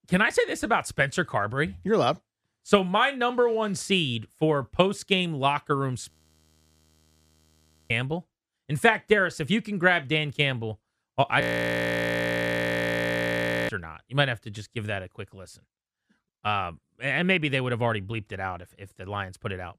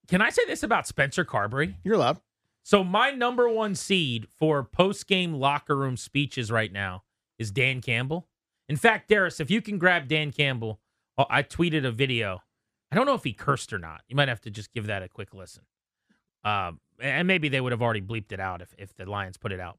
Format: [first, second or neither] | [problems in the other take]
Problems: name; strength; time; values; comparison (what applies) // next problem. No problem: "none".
second | audio freezing; at 6 s for 2 s and at 11 s for 2.5 s